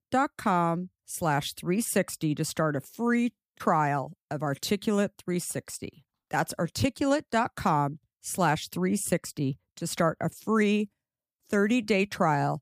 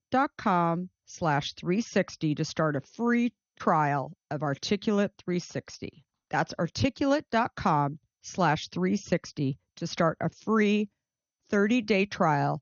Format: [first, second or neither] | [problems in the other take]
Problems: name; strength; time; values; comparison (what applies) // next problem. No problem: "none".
first | garbled, watery; slightly; nothing above 6.5 kHz